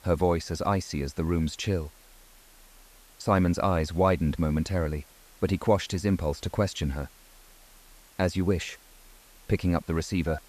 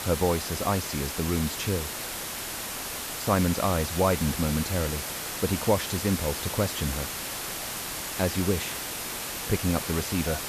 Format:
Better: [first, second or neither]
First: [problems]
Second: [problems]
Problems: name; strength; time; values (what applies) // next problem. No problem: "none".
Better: first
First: hiss; faint; throughout; 25 dB below the speech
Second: hiss; loud; throughout; 3 dB below the speech